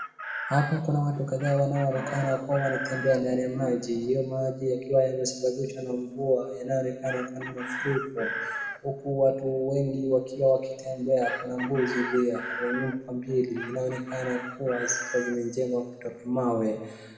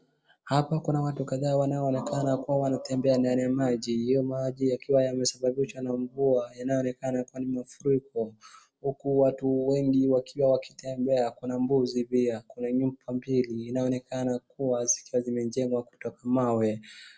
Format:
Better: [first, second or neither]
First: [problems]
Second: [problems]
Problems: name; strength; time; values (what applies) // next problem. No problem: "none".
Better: second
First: background sound (Chicken, rooster); 11 dB below the speech // room echo; dies away in 1.5 s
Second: none